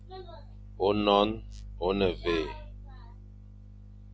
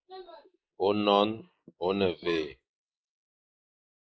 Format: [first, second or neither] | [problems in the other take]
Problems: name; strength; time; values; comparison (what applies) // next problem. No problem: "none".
first | noise reduction (neural mask model Resemble Enhance denoiser)